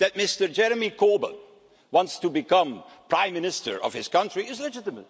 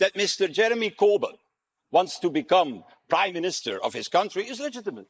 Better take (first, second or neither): first